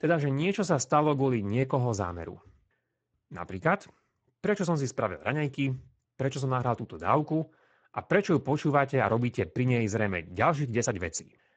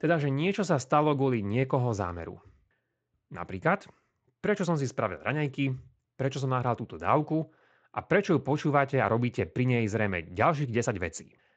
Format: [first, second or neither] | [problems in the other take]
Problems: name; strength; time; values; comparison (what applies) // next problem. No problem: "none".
second | garbled, watery; badly; nothing above 7.5 kHz; slightly in the second